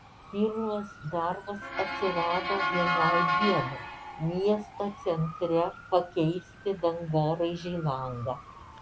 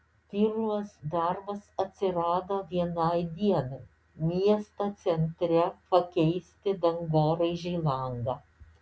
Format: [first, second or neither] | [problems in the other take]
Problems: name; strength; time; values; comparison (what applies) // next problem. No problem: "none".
second | background sound (Motor vehicle (road) / Siren); 4 dB below the speech